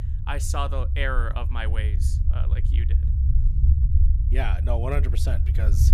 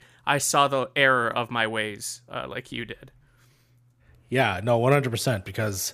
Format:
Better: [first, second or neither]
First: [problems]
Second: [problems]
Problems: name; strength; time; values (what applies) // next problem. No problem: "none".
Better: second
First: low rumble; loud; throughout; 10 dB below the speech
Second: none